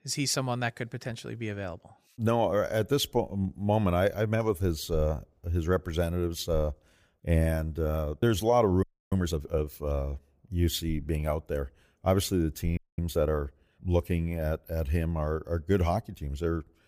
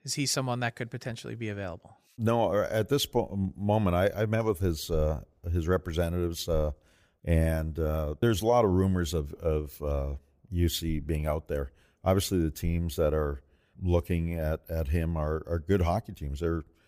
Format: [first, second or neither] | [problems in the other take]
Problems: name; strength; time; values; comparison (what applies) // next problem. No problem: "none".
second | audio freezing; at 9 s and at 13 s